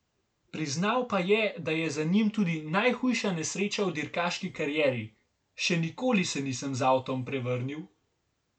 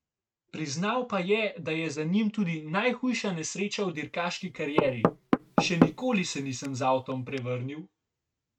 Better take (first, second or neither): first